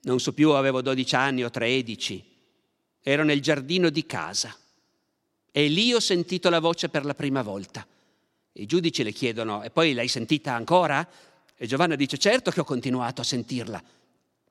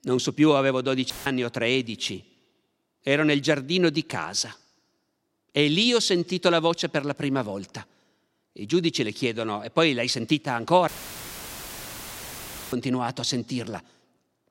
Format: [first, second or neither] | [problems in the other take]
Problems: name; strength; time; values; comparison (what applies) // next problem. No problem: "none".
first | audio cutting out; filled with static; at 1 s and at 11 s for 2 s